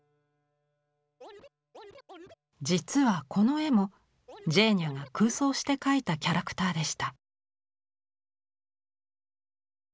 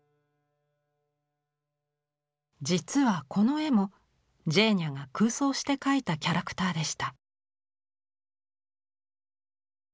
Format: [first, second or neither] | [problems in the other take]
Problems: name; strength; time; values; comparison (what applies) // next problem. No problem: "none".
second | background sound (Scratching (performance technique)); 19 dB below the speech